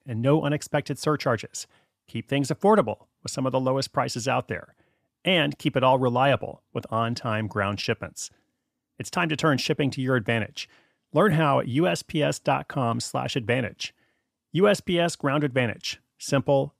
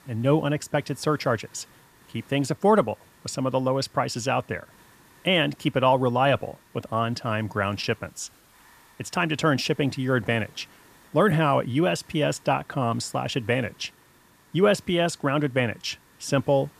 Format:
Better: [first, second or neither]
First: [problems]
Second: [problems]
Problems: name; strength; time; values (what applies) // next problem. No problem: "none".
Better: first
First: none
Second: hiss; faint; throughout; 30 dB below the speech